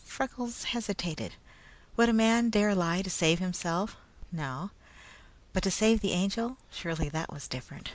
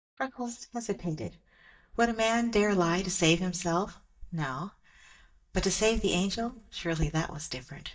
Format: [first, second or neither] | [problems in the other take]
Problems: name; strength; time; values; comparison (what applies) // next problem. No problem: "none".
first | noise reduction (neural mask model DeepFilterNet 3)